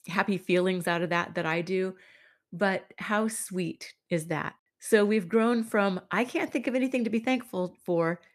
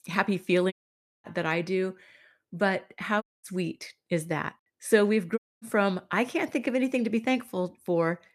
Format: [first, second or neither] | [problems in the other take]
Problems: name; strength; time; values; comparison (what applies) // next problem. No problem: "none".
first | audio cutting out; at 0.5 s for 0.5 s, at 3 s and at 5.5 s